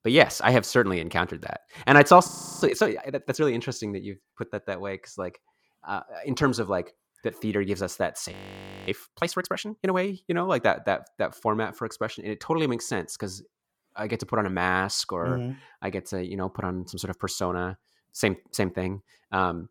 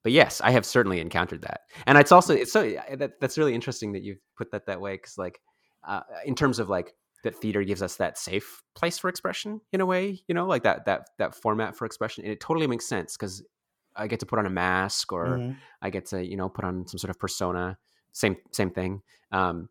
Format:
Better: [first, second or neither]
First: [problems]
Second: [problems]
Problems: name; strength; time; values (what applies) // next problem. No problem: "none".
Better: second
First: audio freezing; at 2.5 s and at 8.5 s for 0.5 s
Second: none